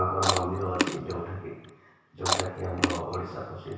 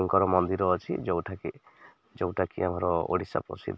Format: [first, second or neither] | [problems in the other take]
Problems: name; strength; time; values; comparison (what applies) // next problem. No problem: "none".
second | background sound (Chewing, mastication); as loud as the speech // room echo; dies away in 1.1 s